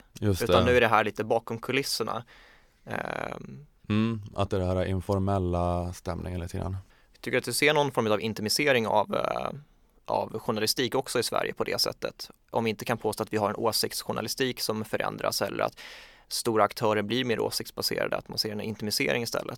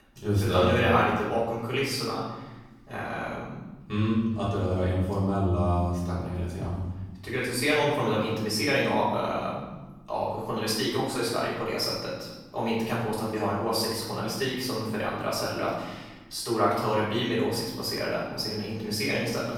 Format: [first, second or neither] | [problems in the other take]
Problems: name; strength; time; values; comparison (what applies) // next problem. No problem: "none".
first | off-mic speech; far // room echo; noticeable; dies away in 1.2 s